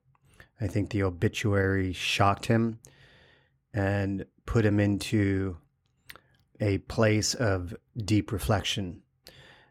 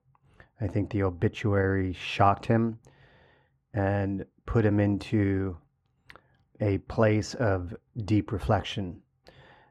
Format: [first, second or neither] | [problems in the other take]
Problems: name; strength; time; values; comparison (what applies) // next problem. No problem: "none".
first | muffled; slightly; fading above 1.5 kHz